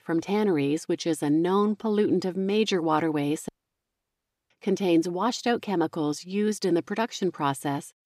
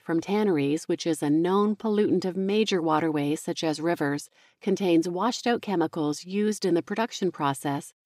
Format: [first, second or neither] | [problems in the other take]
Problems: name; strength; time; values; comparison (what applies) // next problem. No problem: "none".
second | audio cutting out; at 3.5 s for 1 s